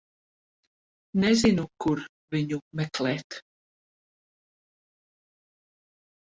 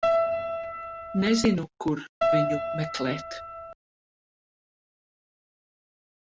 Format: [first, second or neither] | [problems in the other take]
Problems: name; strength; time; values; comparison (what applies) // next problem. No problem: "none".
first | background sound (Keyboard (musical)); 3 dB above the speech